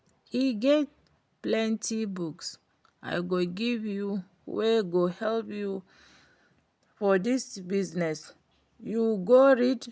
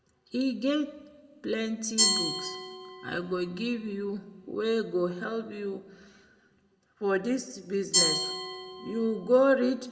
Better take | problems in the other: first | background sound (Glass); 4 dB below the speech // room echo; dies away in 1.1 s

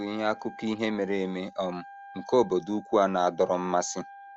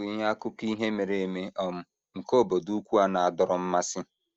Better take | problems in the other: second | background sound (Wind instrument, woodwind instrument); 19 dB below the speech

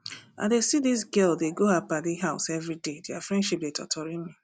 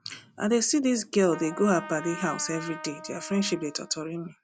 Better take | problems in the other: first | background sound (Trumpet); 15 dB below the speech

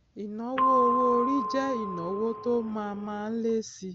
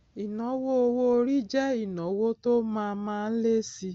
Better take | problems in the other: second | background sound (Percussion); as loud as the speech

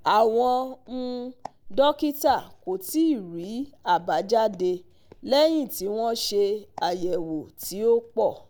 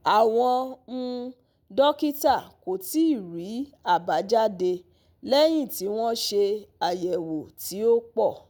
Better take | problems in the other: second | background sound (Walk, footsteps); 19 dB below the speech

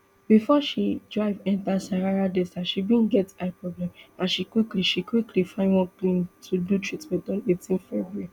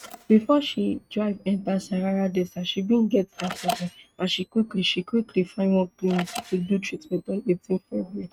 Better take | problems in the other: first | noise reduction (neural mask model RNNoise)

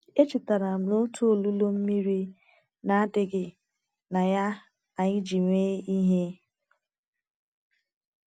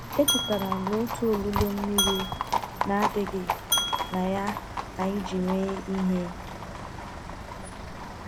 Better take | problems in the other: first | background sound (Livestock, farm animals, working animals + Glass); 1 dB below the speech

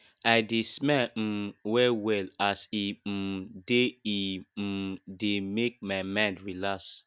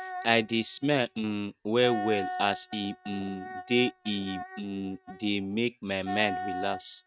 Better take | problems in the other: first | noise reduction (neural mask model RNNoise)

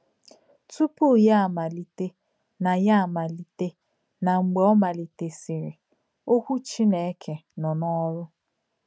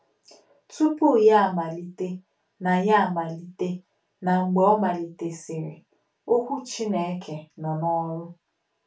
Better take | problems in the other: first | room echo; dies away in 0.2 s

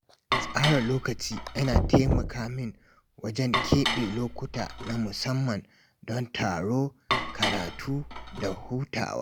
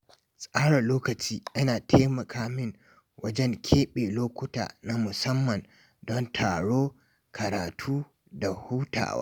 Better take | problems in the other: second | background sound (Knock + Dishes, pots, and pans); 2 dB below the speech

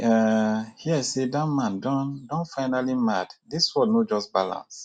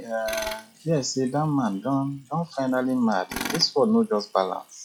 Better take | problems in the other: first | noise reduction (classical method log-MMSE)

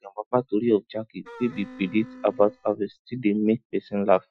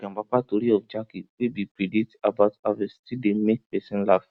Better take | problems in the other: second | noise reduction (classical method Wiener filter)

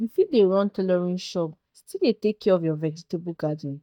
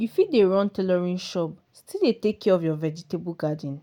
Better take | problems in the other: second | noise reduction (neural mask model DeepFilterNet 3)

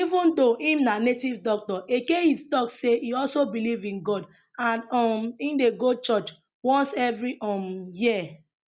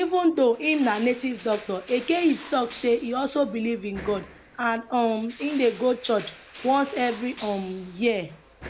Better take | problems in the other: first | background sound (Crushing); 19 dB below the speech

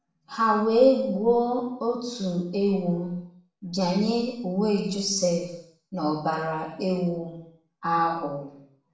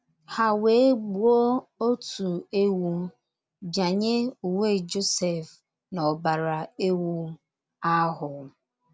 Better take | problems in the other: second | room echo; dies away in 0.6 s

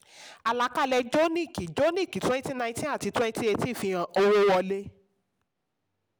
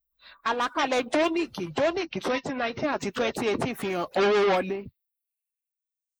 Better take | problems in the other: first | noise reduction (neural mask model Resemble Enhance denoiser)

